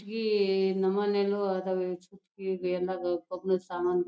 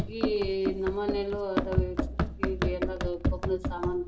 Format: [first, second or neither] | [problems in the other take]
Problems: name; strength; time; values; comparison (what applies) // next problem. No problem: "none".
first | background sound (Run); 1 dB above the speech // room echo; dies away in 1.3 s